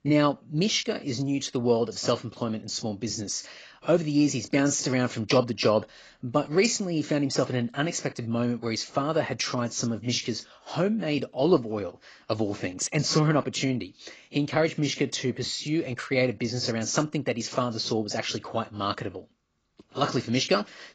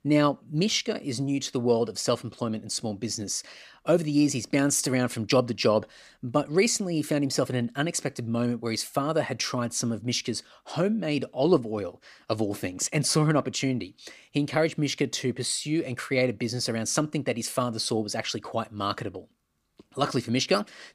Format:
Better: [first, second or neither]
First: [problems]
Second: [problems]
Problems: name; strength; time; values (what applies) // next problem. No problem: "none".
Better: second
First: garbled, watery; badly; nothing above 7.5 kHz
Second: none